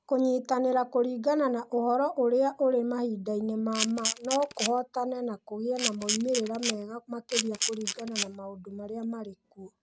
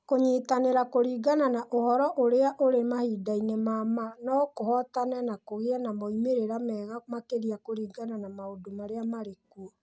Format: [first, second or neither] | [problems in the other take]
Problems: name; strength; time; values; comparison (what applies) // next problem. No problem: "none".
second | background sound (Camera); 4 dB below the speech